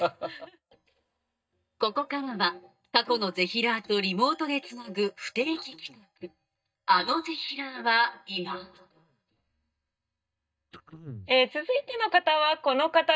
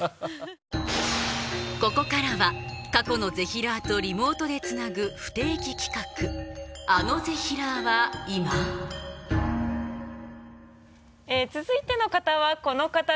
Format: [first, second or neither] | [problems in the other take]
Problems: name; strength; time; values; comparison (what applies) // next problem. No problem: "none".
second | noise reduction (neural mask model DeepFilterNet 3)